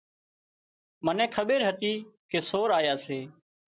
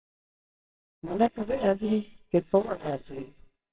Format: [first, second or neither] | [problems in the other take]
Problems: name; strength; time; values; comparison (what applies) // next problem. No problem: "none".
first | noise reduction (neural separator model SepFormer WHAMR!)